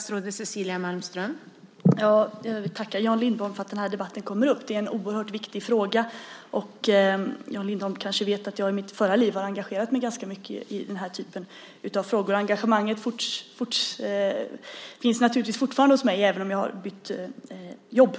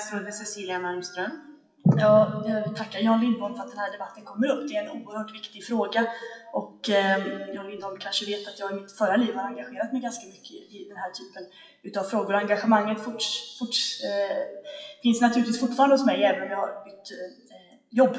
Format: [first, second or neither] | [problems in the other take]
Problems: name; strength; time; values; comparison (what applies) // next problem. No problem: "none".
first | noise reduction (classical method WPE with log-MMSE)